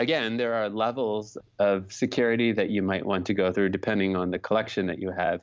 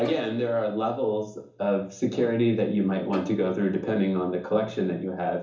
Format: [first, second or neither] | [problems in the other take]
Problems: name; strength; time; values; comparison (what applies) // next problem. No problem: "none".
first | background sound (Bowed string instrument); 16 dB below the speech // room echo; dies away in 0.7 s